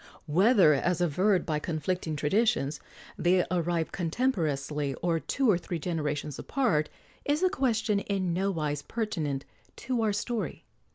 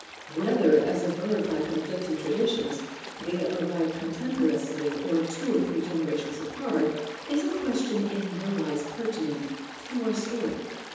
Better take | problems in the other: first | background sound (Stream); 14 dB below the speech // room echo; dies away in 1.1 s

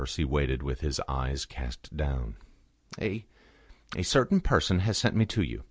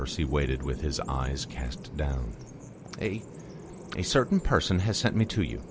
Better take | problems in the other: first | background sound (Bird vocalization, bird call, bird song); 13 dB below the speech

